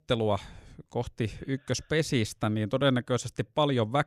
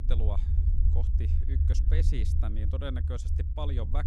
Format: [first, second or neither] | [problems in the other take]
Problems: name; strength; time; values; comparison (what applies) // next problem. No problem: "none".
first | low rumble; loud; throughout; 4 dB below the speech